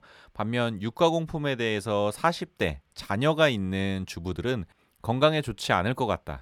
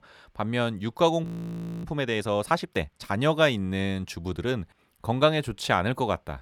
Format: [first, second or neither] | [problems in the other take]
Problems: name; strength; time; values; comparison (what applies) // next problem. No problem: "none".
first | audio freezing; at 1 s for 0.5 s